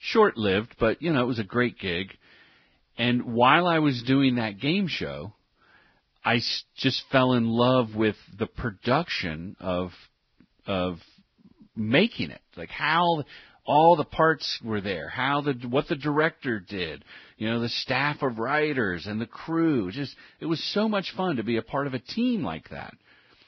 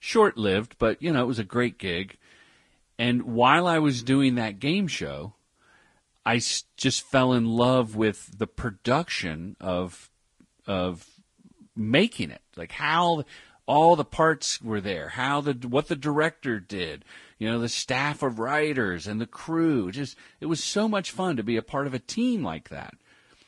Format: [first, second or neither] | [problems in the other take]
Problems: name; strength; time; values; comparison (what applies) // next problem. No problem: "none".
second | garbled, watery; badly; nothing above 5.5 kHz; slightly in the second